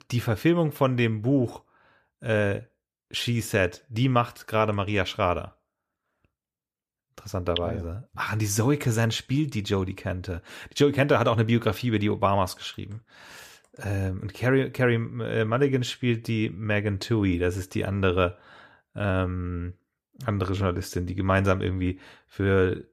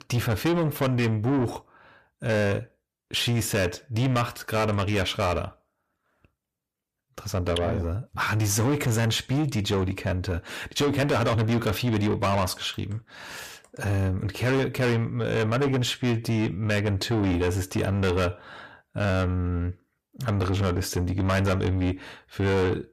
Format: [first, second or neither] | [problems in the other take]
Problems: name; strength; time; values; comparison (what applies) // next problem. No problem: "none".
first | distortion; heavy; 7 dB below the speech